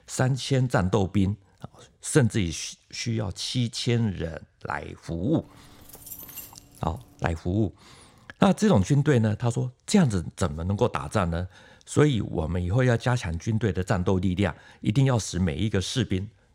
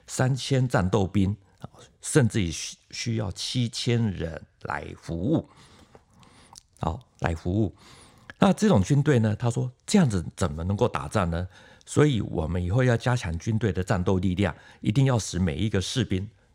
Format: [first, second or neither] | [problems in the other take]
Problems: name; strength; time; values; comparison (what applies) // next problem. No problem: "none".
second | jangling keys; faint; from 5.5 to 7 s; peak 10 dB below the speech